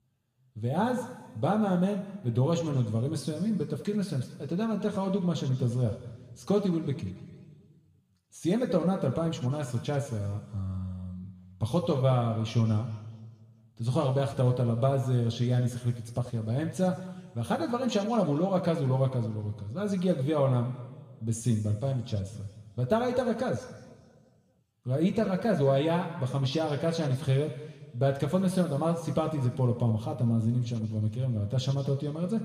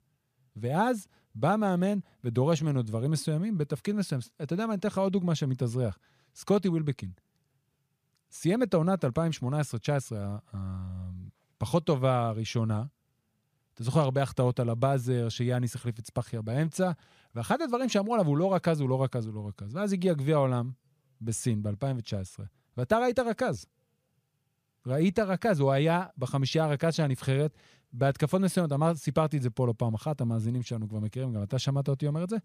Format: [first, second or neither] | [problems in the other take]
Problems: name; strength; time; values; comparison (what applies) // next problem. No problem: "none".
second | room echo; slight; dies away in 1.5 s